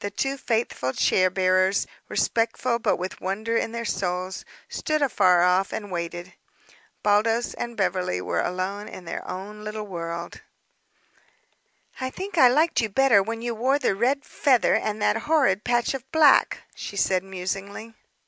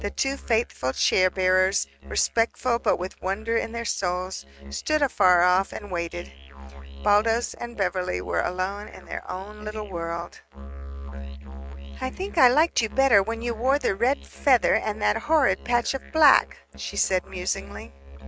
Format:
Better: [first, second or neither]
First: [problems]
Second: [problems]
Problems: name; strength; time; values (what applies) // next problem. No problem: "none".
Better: first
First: none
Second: noise reduction (neural mask model RNNoise)